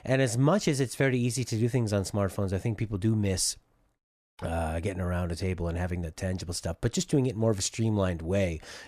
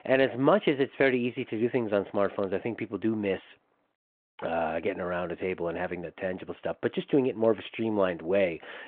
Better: first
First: none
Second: phone-call audio

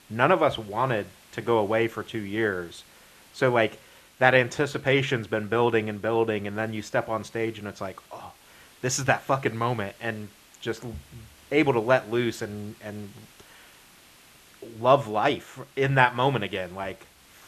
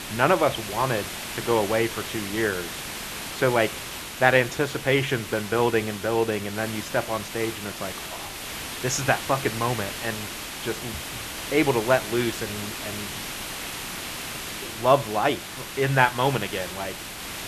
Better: first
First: hiss; faint; throughout; 25 dB below the speech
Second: hiss; loud; throughout; 8 dB below the speech

